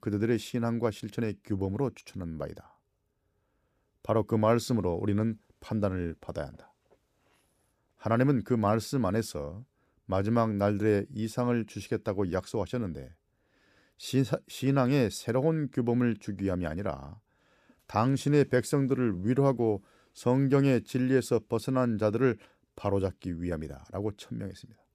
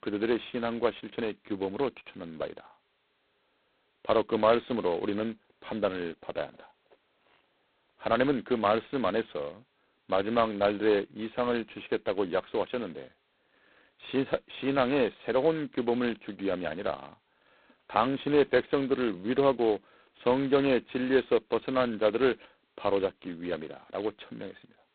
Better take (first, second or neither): first